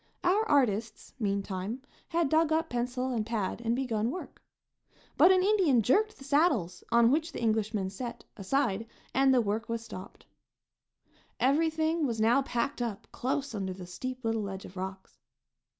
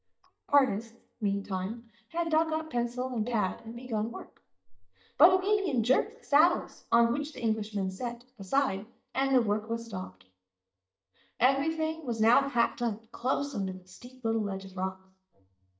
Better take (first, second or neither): first